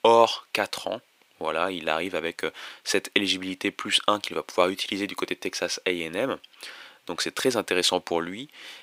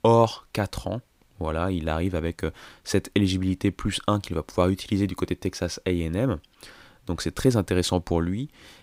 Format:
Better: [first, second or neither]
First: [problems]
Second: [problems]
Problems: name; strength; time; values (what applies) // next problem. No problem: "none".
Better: second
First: thin; somewhat; fading below 450 Hz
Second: none